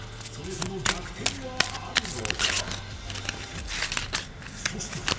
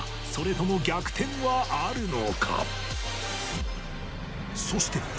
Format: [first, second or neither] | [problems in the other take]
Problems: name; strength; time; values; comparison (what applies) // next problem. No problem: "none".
second | background sound (Domestic sounds, home sounds); 5 dB above the speech // room echo; dies away in 2.6 s